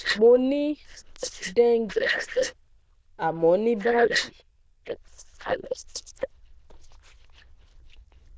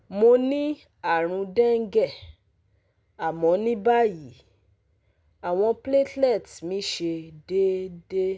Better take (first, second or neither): second